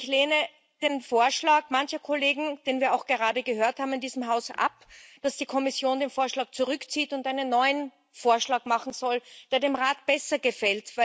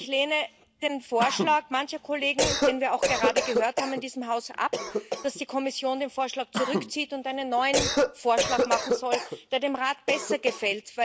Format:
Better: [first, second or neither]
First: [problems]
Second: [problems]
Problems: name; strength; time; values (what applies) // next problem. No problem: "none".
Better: first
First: none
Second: background sound (Cough); 2 dB below the speech